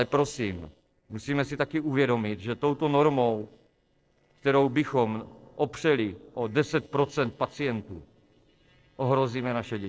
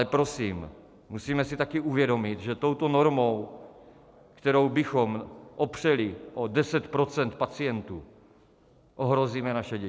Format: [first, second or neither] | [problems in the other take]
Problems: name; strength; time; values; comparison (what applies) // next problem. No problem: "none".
second | noise reduction (neural separator model SepFormer DNS4)